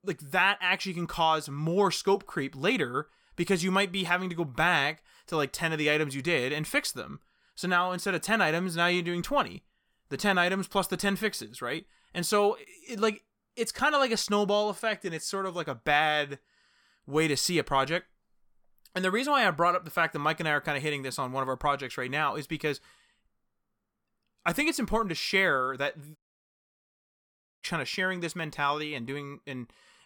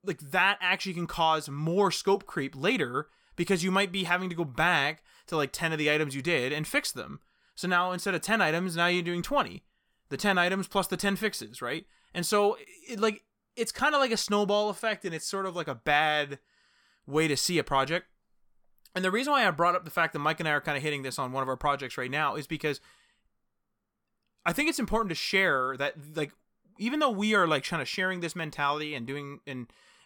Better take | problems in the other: second | audio cutting out; at 26 s for 1.5 s

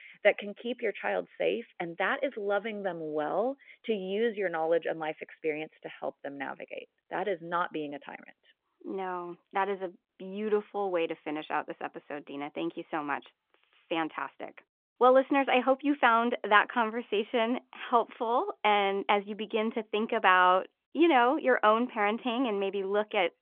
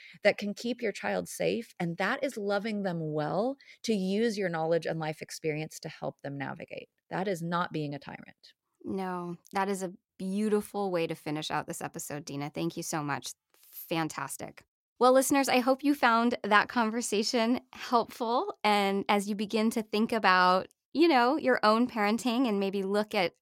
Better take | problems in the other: second | phone-call audio; nothing above 3.5 kHz

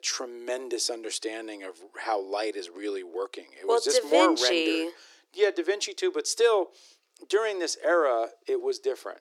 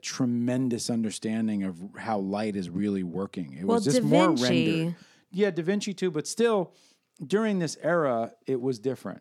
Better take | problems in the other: second | thin; very; fading below 350 Hz

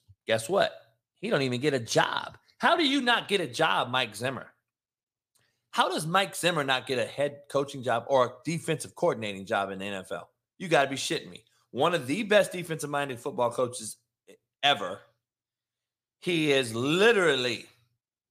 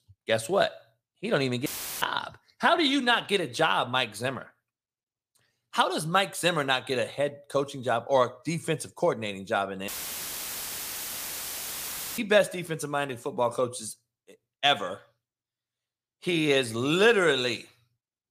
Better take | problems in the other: first | audio cutting out; filled with static; at 1.5 s and at 10 s for 2.5 s

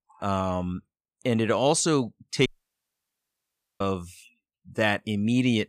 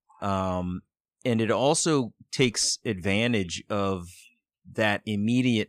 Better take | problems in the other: second | audio cutting out; at 2.5 s for 1.5 s

